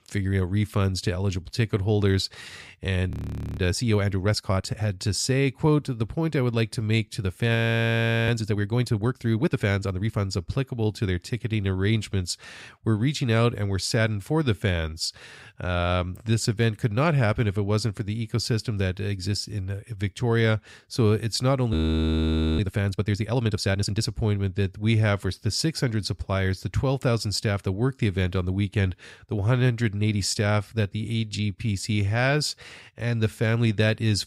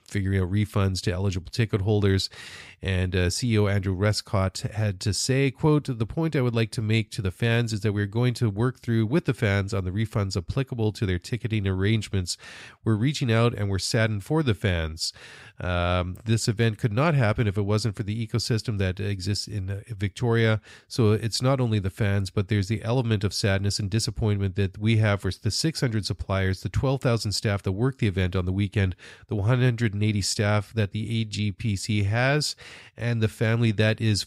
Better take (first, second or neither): second